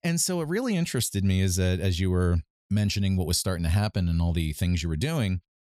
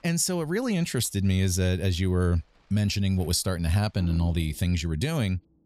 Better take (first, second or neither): first